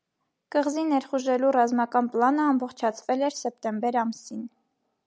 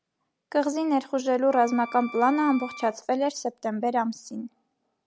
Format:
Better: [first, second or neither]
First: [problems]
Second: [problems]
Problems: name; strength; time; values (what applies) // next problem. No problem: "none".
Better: first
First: none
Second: background sound (Wind instrument, woodwind instrument); 17 dB below the speech